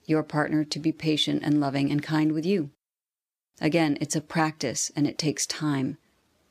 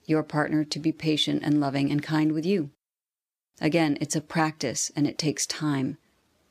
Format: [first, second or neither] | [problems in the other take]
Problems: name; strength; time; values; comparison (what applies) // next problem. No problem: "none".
neither | none